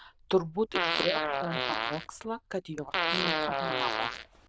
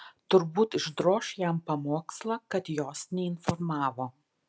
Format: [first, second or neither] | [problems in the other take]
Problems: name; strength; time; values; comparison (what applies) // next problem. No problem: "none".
second | noise reduction (neural diffusion model UNIVERSE++)